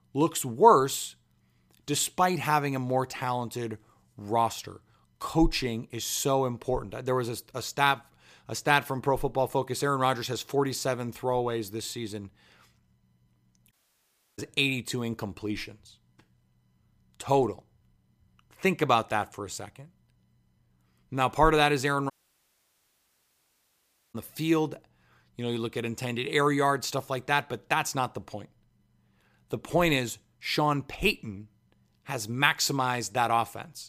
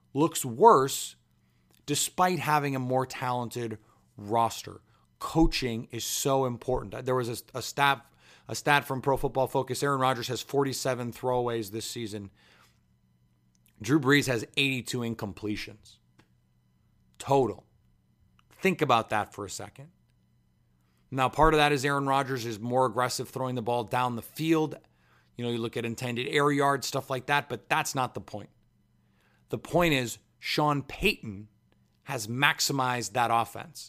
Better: second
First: audio cutting out; at 14 s for 0.5 s and at 22 s for 2 s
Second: none

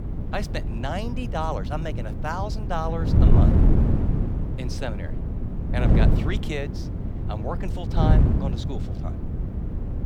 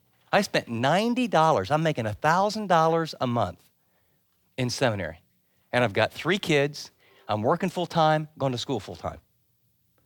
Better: second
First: wind noise on the microphone; heavy; 3 dB below the speech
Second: none

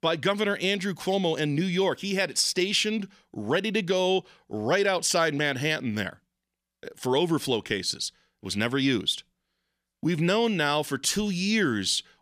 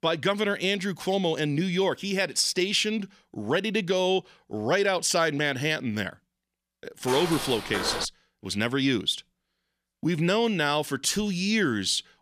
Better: first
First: none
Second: footsteps; noticeable; from 7 to 8 s; peak 4 dB below the speech

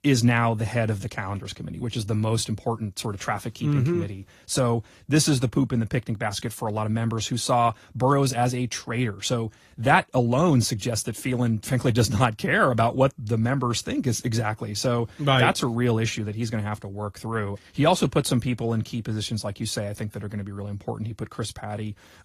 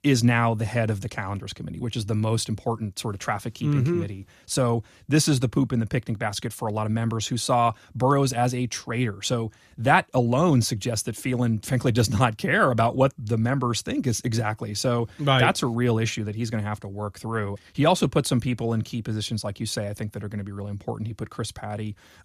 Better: second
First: garbled, watery; slightly; nothing above 14.5 kHz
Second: none

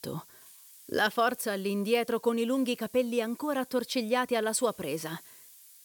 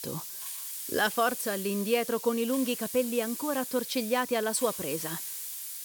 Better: first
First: hiss; faint; throughout; 20 dB below the speech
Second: hiss; loud; throughout; 6 dB below the speech

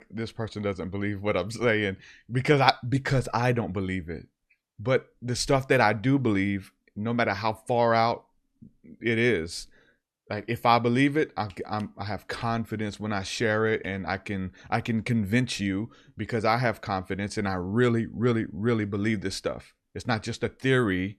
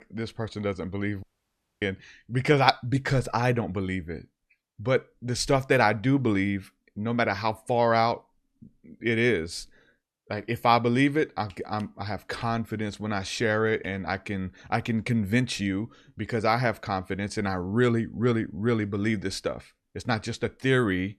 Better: first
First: none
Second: audio cutting out; at 1 s for 0.5 s

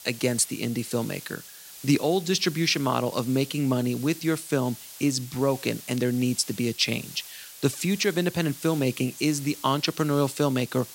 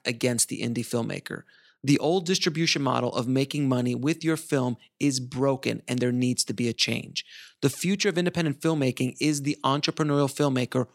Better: second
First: hiss; noticeable; throughout; 15 dB below the speech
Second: none

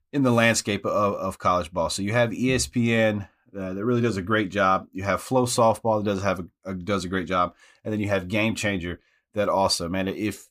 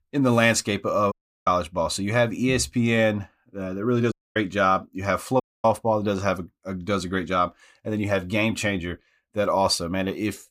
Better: first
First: none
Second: audio cutting out; at 1 s, at 4 s and at 5.5 s

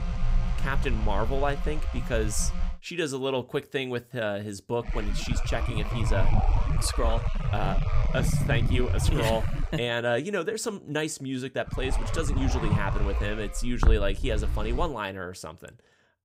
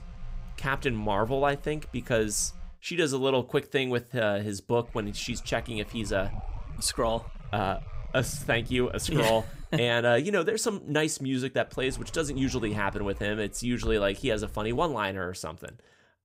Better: second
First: low rumble; loud; until 2.5 s, from 5 to 9.5 s and from 12 to 15 s; 7 dB below the speech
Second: low rumble; faint; until 2.5 s, from 5 to 9.5 s and from 12 to 15 s; 25 dB below the speech

